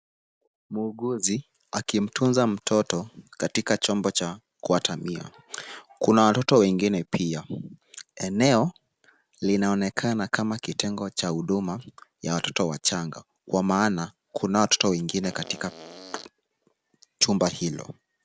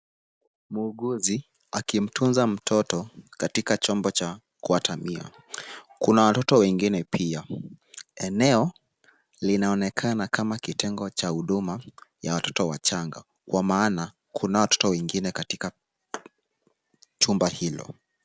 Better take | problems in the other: second | background sound (Fart); 17 dB below the speech

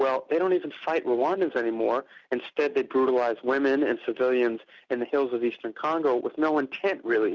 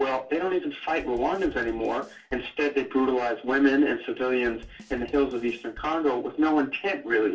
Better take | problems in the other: first | background sound (Drum / Drum kit); 20 dB below the speech // room echo; dies away in 0.2 s

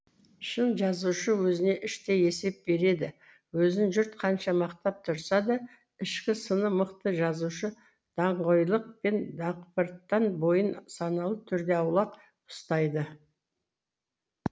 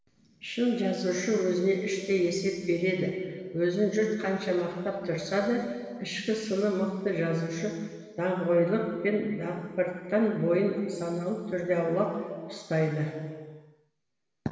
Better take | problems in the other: first | room echo; dies away in 1.6 s

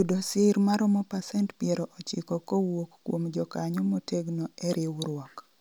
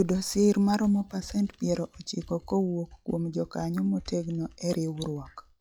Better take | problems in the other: first | noise reduction (classical method log-MMSE)

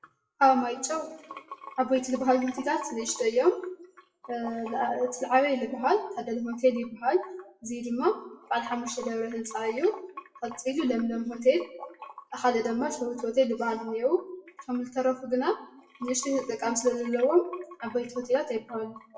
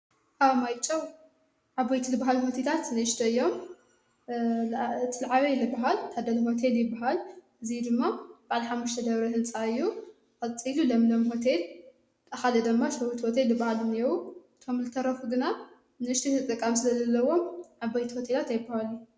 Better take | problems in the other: second | noise reduction (classical method WPE with log-MMSE)

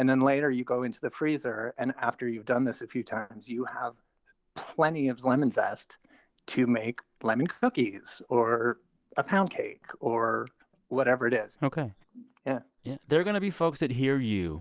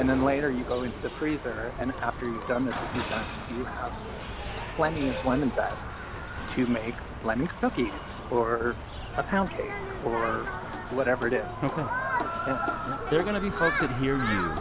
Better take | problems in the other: first | background sound (Human group actions); 4 dB below the speech

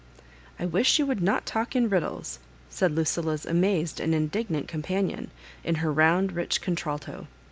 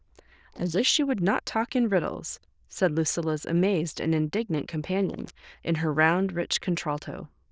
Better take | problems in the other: first | noise reduction (neural diffusion model UNIVERSE++)

